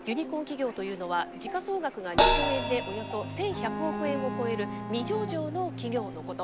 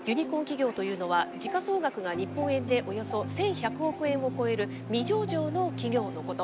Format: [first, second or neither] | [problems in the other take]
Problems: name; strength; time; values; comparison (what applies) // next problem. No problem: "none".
second | background sound (Bowed string instrument + Crash cymbal); 1 dB below the speech